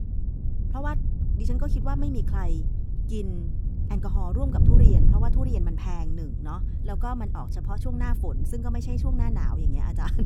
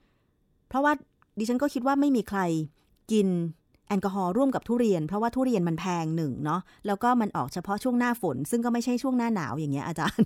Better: second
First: wind noise on the microphone; heavy; 3 dB below the speech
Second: none

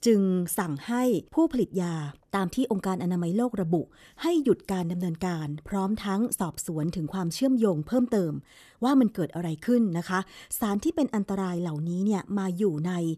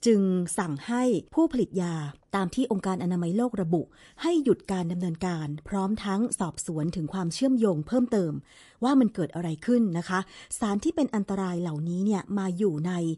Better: first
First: none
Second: garbled, watery; slightly; nothing above 11 kHz

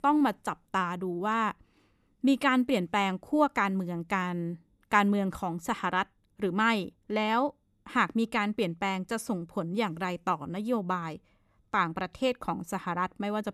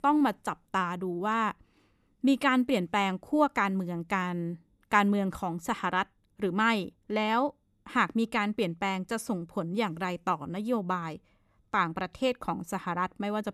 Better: neither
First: none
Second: none

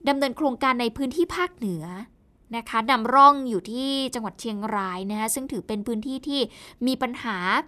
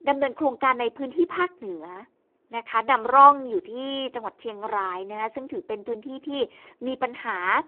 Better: first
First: none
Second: phone-call audio; poor line

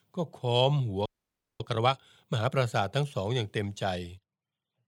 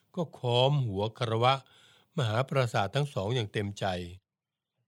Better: second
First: audio freezing; at 1 s for 0.5 s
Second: none

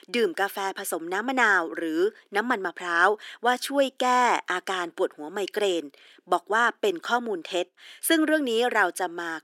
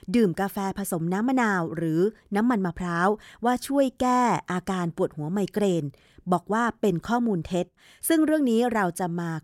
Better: second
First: thin; somewhat; fading below 300 Hz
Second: none

